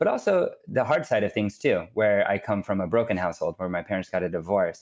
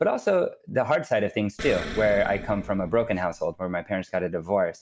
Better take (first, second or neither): first